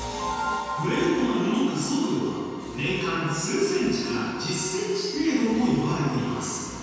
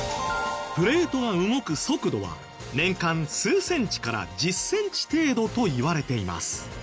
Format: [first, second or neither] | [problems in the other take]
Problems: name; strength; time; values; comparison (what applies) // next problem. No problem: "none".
second | room echo; dies away in 2.1 s